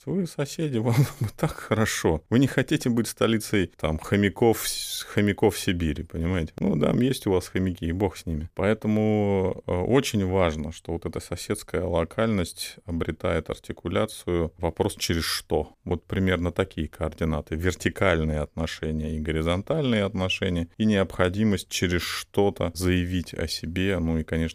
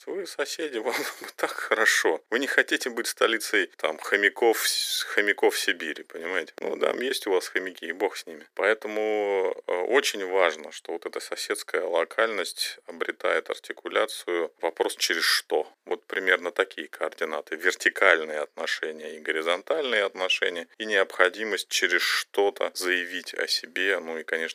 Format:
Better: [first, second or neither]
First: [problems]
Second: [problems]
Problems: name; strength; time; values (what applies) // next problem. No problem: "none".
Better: first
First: none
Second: thin; very; fading below 350 Hz